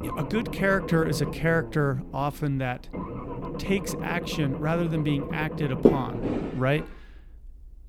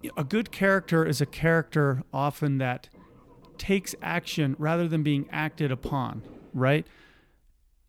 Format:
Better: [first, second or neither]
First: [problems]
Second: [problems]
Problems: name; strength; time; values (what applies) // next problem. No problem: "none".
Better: second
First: low rumble; loud; throughout; 5 dB below the speech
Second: low rumble; faint; throughout; 25 dB below the speech